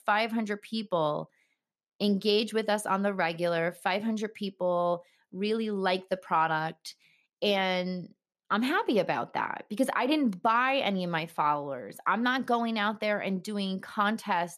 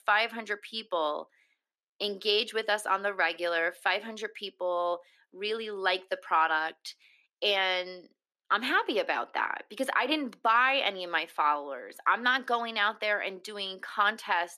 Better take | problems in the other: first | thin; somewhat; fading below 300 Hz

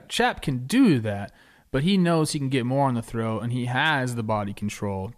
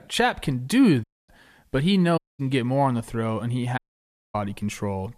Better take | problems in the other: first | audio cutting out; at 1 s, at 2 s and at 4 s for 0.5 s

